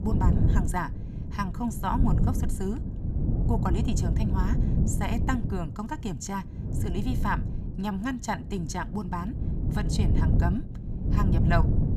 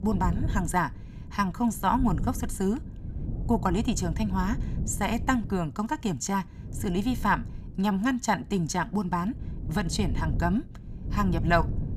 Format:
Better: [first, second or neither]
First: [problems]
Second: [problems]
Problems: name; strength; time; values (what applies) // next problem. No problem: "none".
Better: second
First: wind noise on the microphone; heavy; 6 dB below the speech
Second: wind noise on the microphone; occasional gusts; 15 dB below the speech